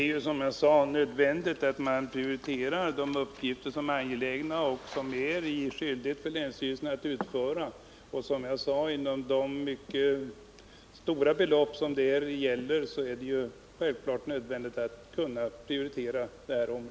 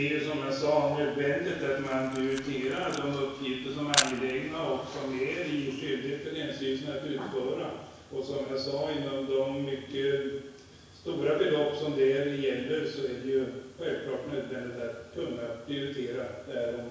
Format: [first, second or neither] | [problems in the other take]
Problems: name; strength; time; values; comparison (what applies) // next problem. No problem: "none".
first | background sound (Camera); 5 dB below the speech // room echo; dies away in 1.1 s